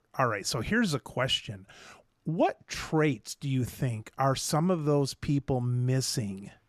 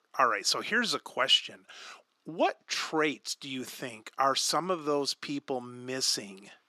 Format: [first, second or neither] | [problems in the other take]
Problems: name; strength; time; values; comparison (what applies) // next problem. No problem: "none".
first | thin; somewhat; fading below 300 Hz